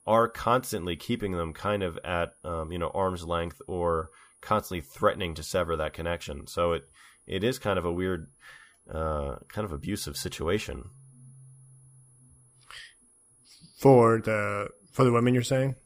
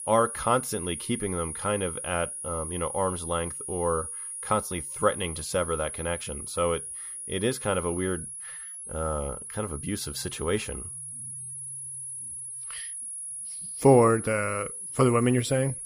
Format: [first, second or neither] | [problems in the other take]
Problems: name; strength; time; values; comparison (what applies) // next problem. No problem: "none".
first | high-pitched whine; loud; throughout; 10.5 kHz, 7 dB below the speech; faint in the first